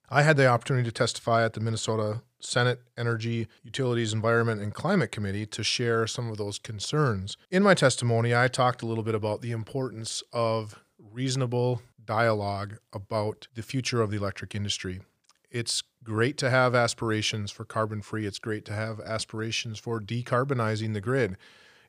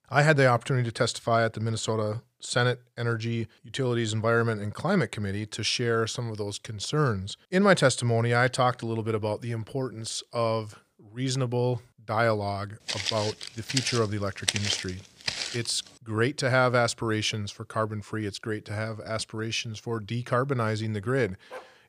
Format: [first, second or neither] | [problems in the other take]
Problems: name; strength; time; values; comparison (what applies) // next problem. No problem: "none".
first | footsteps; loud; from 13 to 16 s; peak 1 dB above the speech // dog barking; faint; at 21 s; peak 20 dB below the speech